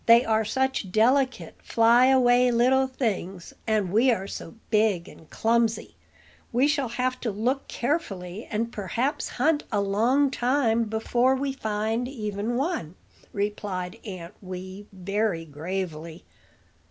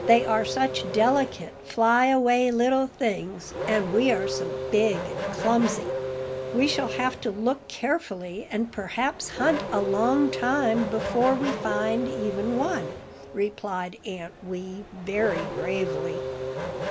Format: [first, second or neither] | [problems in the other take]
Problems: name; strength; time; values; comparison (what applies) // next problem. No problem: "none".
first | background sound (Race car, auto racing / Accelerating, revving, vroom); 6 dB below the speech